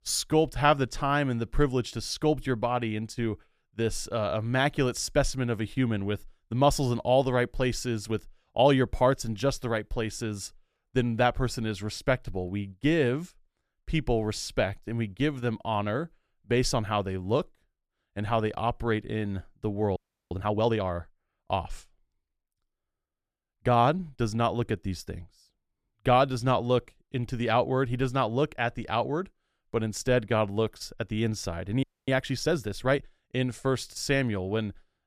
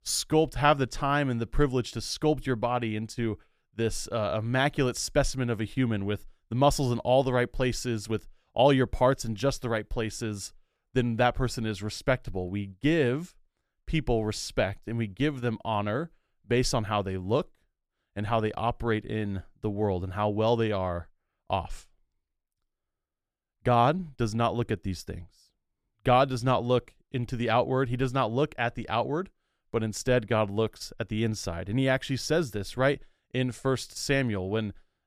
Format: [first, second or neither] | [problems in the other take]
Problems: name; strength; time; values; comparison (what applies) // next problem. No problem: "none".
second | audio freezing; at 20 s and at 32 s